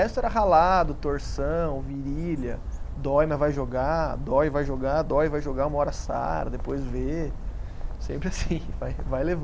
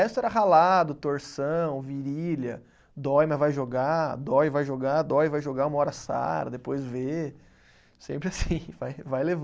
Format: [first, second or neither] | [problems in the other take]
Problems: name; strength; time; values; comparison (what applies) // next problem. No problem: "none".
second | background sound (Bird); 5 dB below the speech